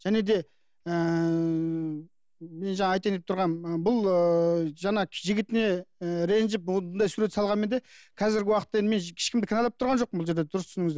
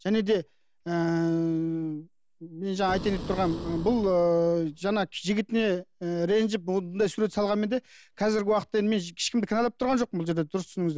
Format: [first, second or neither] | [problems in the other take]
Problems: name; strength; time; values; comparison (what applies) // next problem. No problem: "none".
first | background sound (Boom); 12 dB below the speech